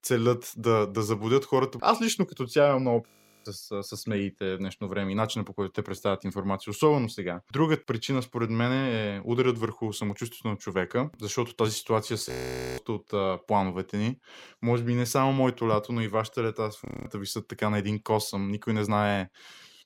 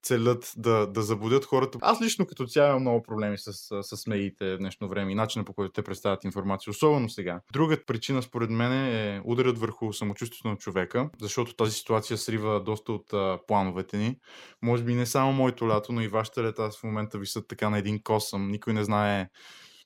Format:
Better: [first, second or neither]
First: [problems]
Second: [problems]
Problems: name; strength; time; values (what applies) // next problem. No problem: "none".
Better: second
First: audio freezing; at 3 s, at 12 s and at 17 s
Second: none